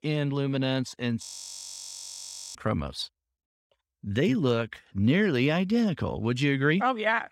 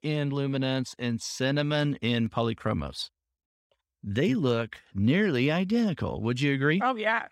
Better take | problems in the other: second | audio freezing; at 1 s for 1.5 s

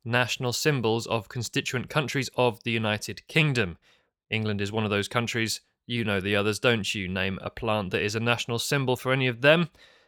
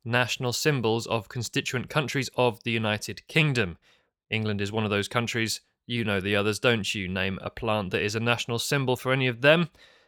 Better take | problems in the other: neither | none

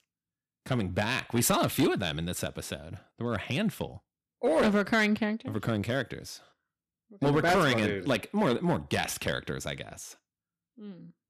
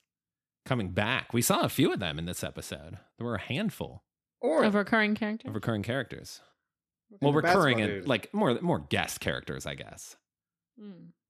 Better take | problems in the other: second | distortion; slight; 4% of the sound clipped

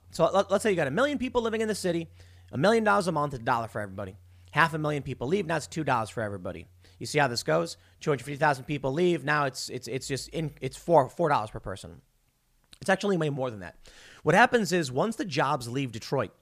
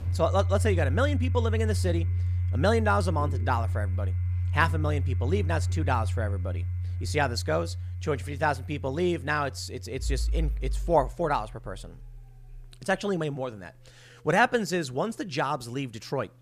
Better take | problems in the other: first | household noises; loud; throughout; 1 dB below the speech; faint in the first

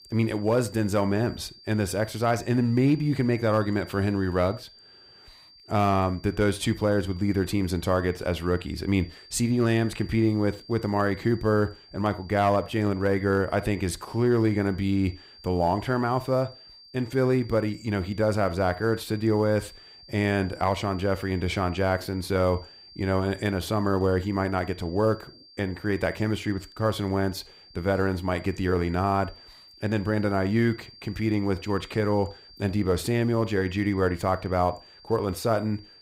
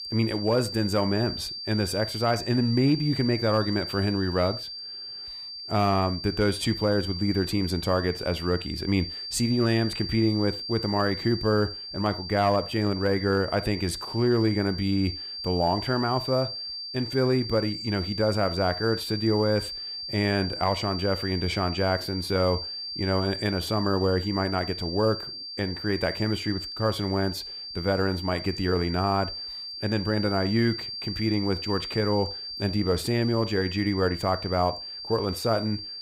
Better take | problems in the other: first | high-pitched whine; loud; throughout; 4.5 kHz, 7 dB below the speech; faint in the first

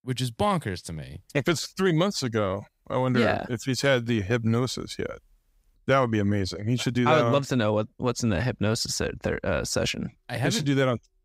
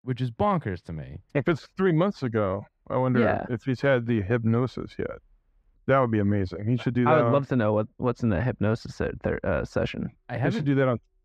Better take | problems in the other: first | muffled; very; fading above 4 kHz

